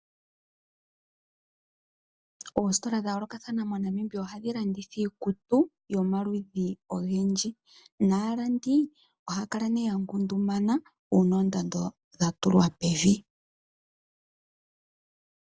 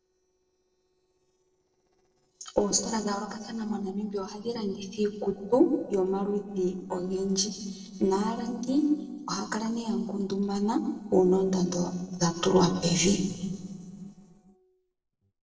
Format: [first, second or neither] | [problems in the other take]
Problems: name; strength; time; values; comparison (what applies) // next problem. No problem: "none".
first | noise reduction (neural separator model SepFormer DNS4)